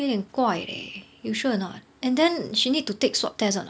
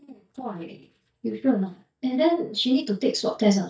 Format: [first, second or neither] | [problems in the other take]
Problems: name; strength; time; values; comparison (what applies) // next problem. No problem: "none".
first | noise reduction (neural mask model DeepFilterNet 3)